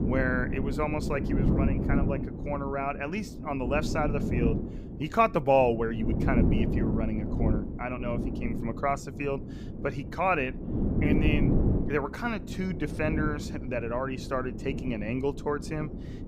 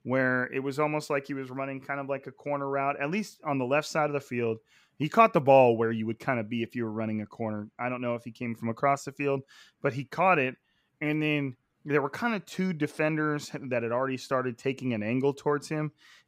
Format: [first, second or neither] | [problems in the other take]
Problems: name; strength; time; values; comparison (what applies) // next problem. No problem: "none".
second | wind noise on the microphone; heavy; 7 dB below the speech